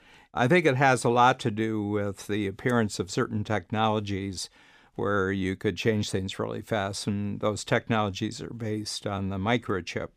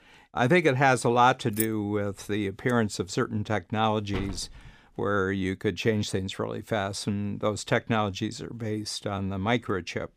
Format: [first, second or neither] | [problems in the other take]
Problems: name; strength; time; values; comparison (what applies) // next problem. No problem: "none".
first | jangling keys; noticeable; at 1.5 s; peak 6 dB below the speech // door banging; faint; at 4 s; peak 10 dB below the speech